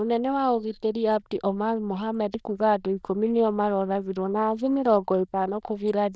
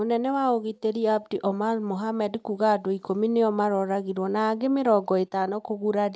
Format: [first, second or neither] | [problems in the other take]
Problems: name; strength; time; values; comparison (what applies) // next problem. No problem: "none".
second | noise reduction (neural diffusion model UNIVERSE++)